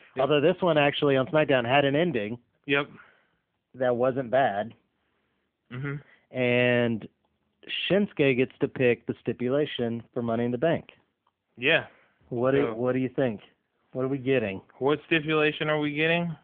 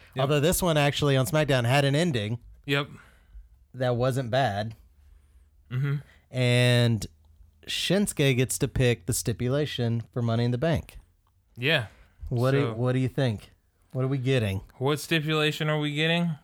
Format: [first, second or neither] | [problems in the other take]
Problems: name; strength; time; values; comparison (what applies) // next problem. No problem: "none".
second | phone-call audio; nothing above 3.5 kHz